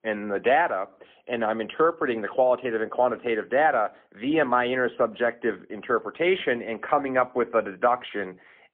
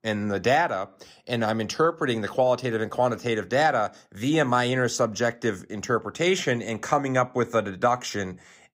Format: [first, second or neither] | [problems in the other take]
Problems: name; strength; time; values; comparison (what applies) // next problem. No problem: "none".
second | phone-call audio; poor line; nothing above 3.5 kHz